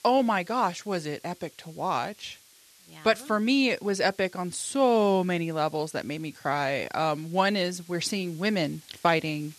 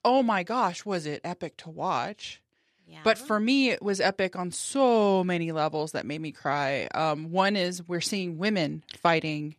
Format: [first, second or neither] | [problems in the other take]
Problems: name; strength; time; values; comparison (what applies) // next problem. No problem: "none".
second | hiss; faint; throughout; 25 dB below the speech